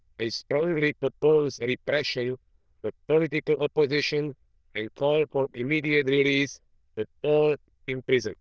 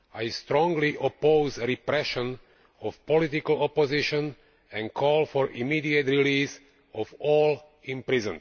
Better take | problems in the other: second | noise reduction (neural diffusion model UNIVERSE++)

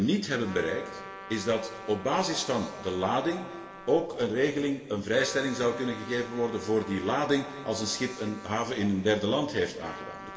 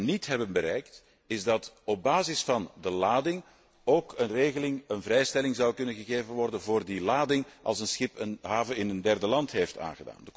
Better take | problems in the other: second | background sound (Trumpet); 16 dB below the speech // room echo; dies away in 1.9 s

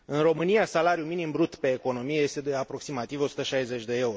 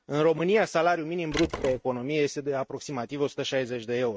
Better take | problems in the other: first | noise reduction (neural mask model RNNoise)

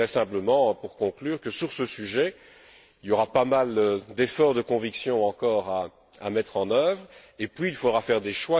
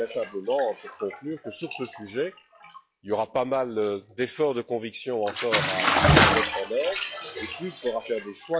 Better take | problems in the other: first | noise reduction (classical method log-MMSE)

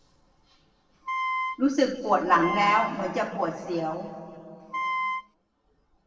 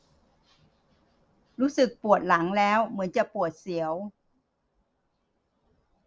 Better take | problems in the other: second | background sound (Wind instrument, woodwind instrument); 2 dB below the speech // room echo; dies away in 2.4 s

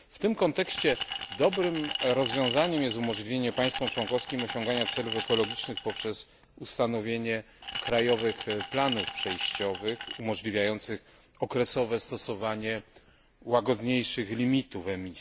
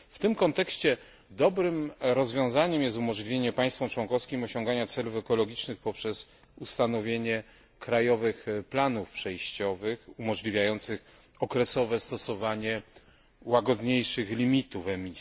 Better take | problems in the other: second | background sound (Glass); 6 dB below the speech

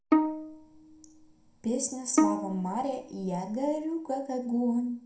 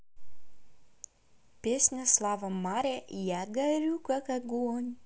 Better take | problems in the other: second | background sound (Bowed string instrument); 1 dB above the speech // room echo; dies away in 0.5 s

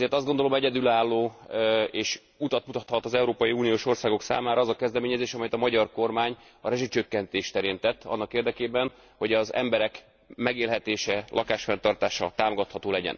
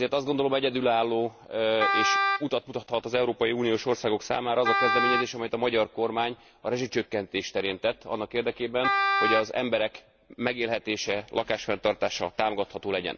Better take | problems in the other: first | background sound (Wind instrument, woodwind instrument); 1 dB above the speech

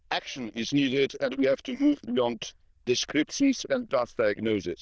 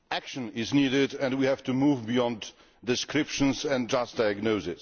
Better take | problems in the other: second | noise reduction (neural diffusion model UNIVERSE++)

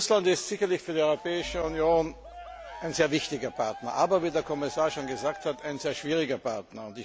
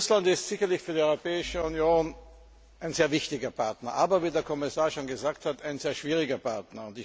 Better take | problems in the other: second | background sound (Cheering); 17 dB below the speech

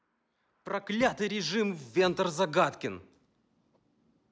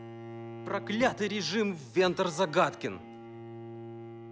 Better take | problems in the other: first | background sound (Bowed string instrument); 13 dB below the speech

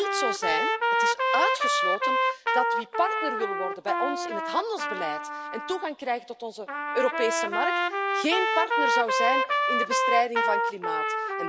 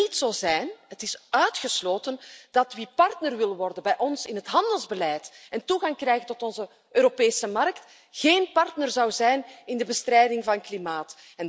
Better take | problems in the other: second | background sound (Trumpet); 4 dB above the speech

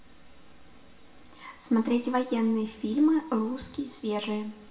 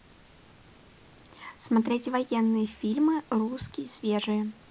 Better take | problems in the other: second | room echo; dies away in 0.7 s

